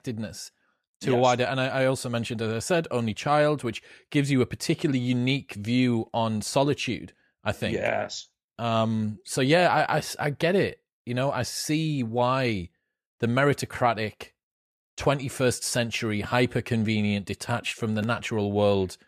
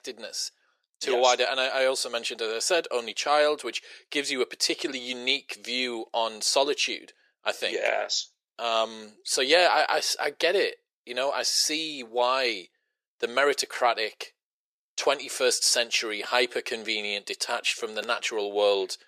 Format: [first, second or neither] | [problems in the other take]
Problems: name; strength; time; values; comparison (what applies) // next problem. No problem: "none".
first | thin; very; fading below 400 Hz